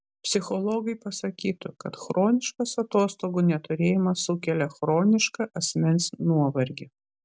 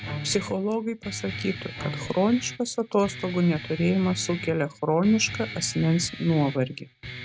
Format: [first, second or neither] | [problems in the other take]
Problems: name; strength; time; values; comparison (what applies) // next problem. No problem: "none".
first | background sound (Guitar + Bowed string instrument); 12 dB below the speech